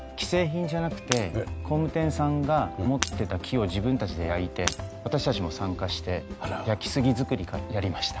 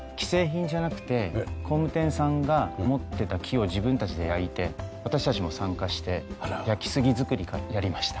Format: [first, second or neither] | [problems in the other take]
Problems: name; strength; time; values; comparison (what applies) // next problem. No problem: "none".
second | background sound (Shatter); 12 dB below the speech